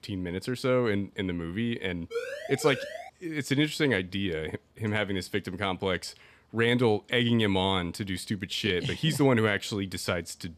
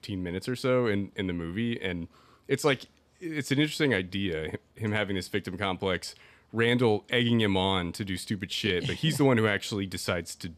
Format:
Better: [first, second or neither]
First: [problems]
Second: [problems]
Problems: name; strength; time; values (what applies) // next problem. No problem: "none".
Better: second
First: siren; noticeable; at 2 s; peak 7 dB below the speech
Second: none